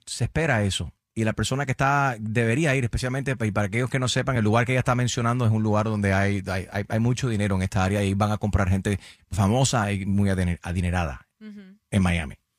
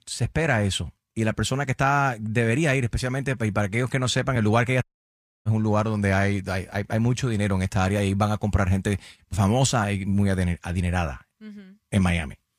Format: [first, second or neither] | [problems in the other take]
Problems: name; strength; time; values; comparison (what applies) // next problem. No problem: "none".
first | audio cutting out; at 5 s for 0.5 s